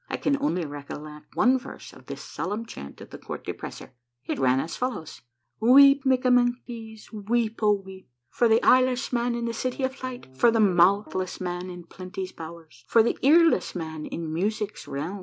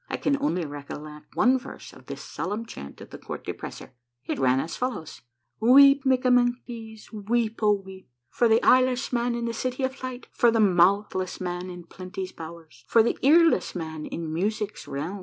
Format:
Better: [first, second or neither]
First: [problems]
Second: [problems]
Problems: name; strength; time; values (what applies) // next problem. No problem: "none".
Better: second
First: background sound (Piano); 19 dB below the speech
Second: none